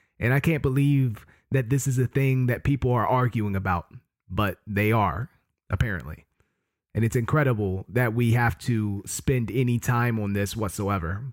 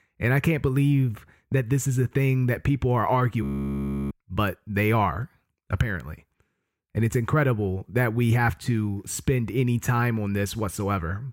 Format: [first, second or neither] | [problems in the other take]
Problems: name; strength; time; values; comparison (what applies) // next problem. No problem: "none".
first | audio freezing; at 3.5 s for 0.5 s